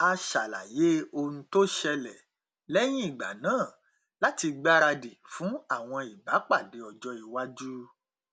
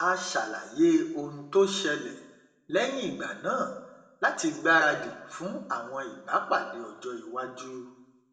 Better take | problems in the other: first | room echo; dies away in 0.7 s

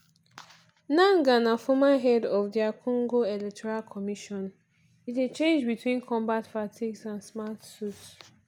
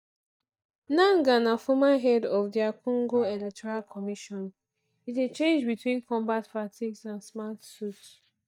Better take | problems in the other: first | noise reduction (neural mask model DeepFilterNet 3)

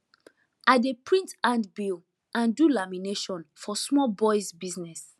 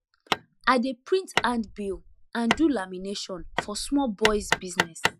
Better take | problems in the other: first | noise reduction (classical method Wiener filter)

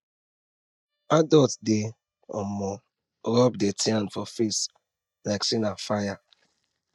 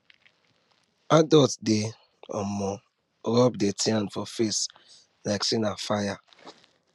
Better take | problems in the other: second | noise reduction (neural mask model DeepFilterNet 3)

